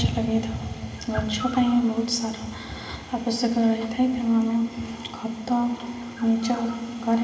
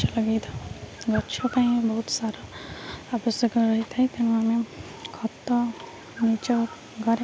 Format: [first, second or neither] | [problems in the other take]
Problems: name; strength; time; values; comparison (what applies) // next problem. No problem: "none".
second | room echo; dies away in 2.4 s